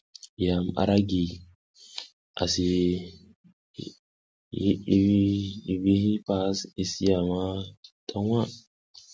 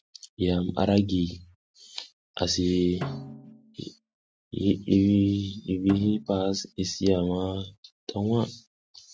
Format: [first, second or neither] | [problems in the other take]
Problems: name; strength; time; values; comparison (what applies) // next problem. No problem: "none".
first | noise reduction (neural mask model RNNoise)